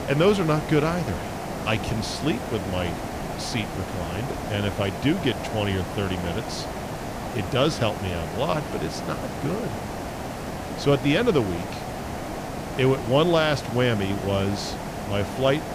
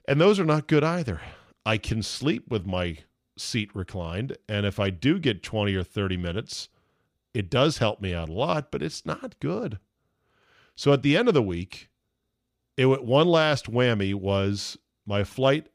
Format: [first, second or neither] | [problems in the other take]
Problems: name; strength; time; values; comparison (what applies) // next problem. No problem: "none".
second | hiss; loud; throughout; 6 dB below the speech